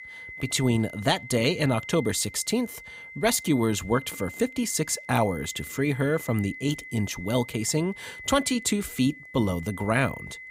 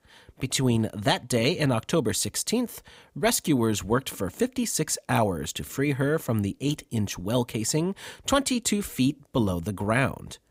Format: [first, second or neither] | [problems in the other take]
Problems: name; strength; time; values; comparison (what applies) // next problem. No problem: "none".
second | high-pitched whine; noticeable; throughout; 2 kHz, 15 dB below the speech